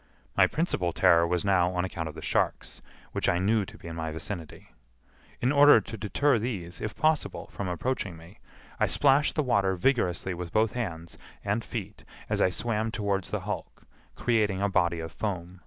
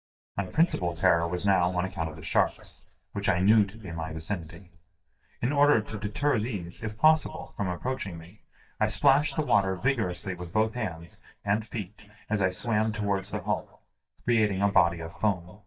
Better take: first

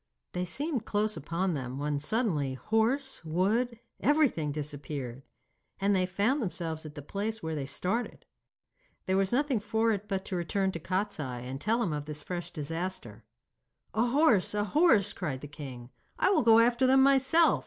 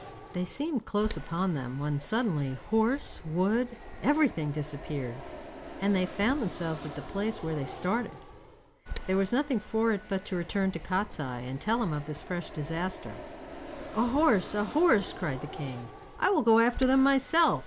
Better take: first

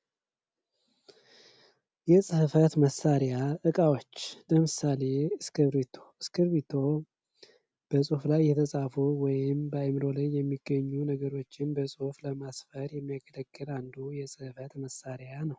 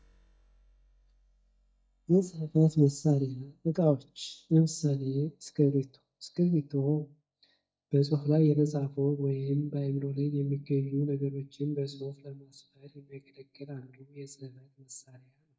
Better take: first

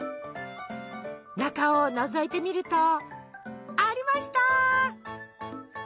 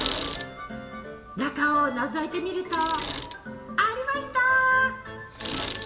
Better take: first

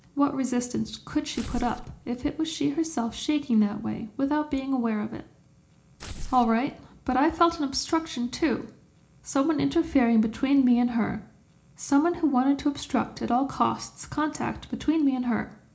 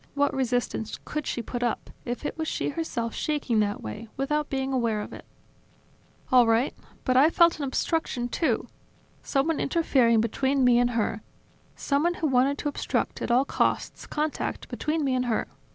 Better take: second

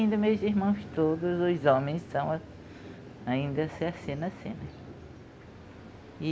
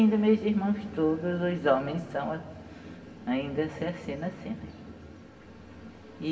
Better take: first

